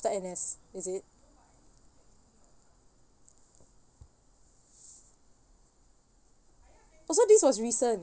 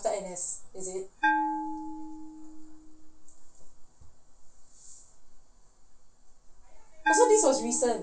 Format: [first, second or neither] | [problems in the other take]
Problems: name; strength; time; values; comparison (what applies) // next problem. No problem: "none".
first | background sound (Bell); 4 dB below the speech // room echo; dies away in 0.2 s